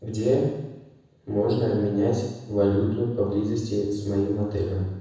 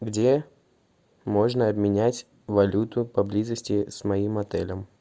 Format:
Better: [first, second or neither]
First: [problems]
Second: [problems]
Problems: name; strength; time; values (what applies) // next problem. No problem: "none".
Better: second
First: room echo; dies away in 1.1 s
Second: none